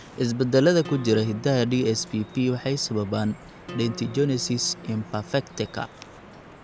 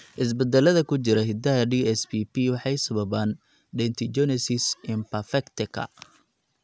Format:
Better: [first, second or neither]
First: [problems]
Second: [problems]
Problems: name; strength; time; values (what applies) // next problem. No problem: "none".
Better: second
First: background sound (Acoustic guitar + Drip); 17 dB below the speech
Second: none